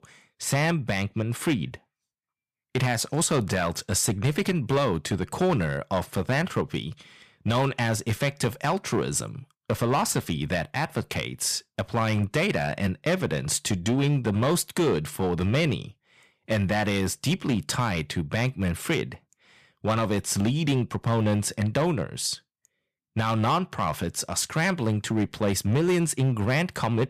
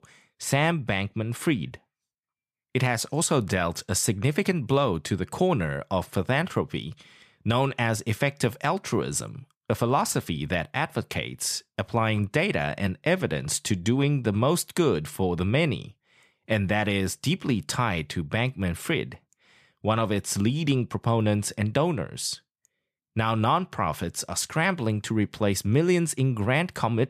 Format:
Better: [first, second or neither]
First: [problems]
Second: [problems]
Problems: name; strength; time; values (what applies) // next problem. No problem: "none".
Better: second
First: distortion; slight; 6% of the sound clipped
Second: none